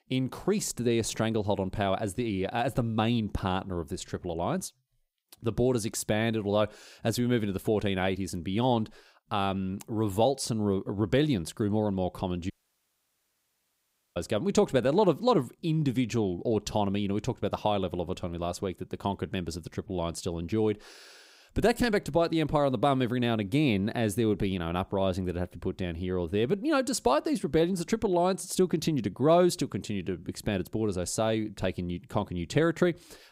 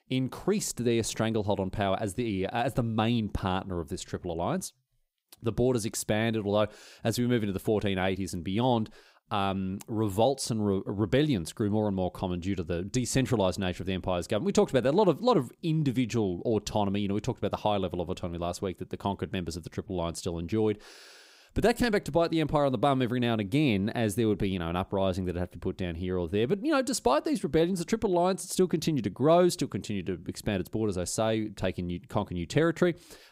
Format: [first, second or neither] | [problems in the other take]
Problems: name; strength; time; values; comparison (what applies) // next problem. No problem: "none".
second | audio cutting out; at 13 s for 1.5 s